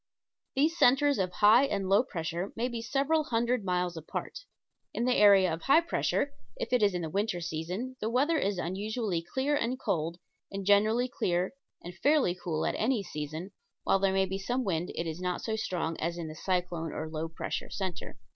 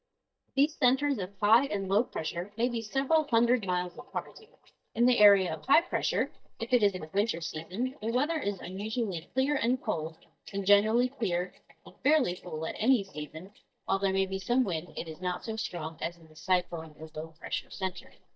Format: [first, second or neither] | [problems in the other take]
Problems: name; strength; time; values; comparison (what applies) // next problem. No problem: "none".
first | noise reduction (neural mask model DeepFilterNet 3)